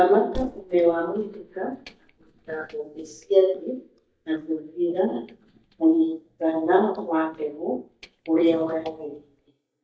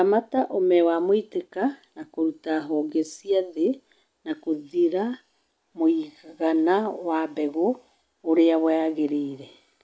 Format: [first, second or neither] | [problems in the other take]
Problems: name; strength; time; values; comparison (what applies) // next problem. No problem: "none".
second | noise reduction (neural mask model DeepFilterNet 3)